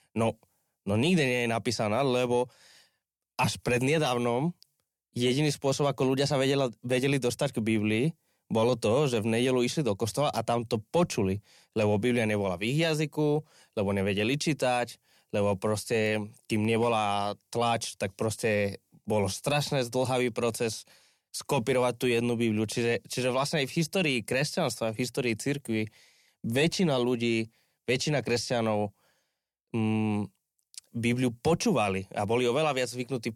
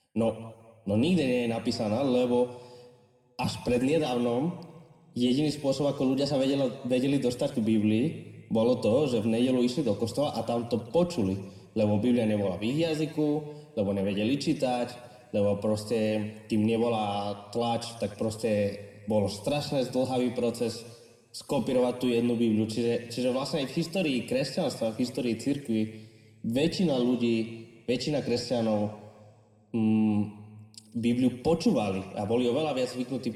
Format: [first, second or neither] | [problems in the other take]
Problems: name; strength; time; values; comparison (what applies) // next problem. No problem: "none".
first | room echo; slight; dies away in 1.4 s